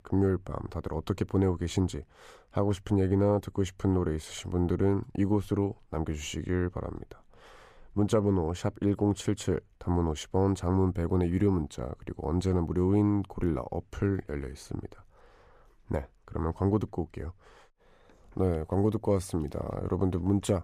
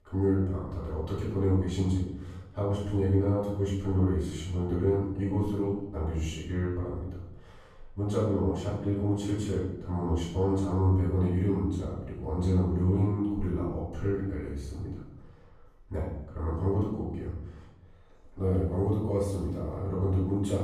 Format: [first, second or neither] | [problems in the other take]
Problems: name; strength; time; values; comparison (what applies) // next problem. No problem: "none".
first | off-mic speech; far // room echo; noticeable; dies away in 0.8 s